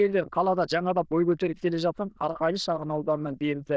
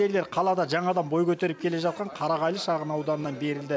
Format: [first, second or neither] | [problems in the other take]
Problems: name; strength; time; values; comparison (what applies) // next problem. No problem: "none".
second | noise reduction (neural diffusion model UNIVERSE++)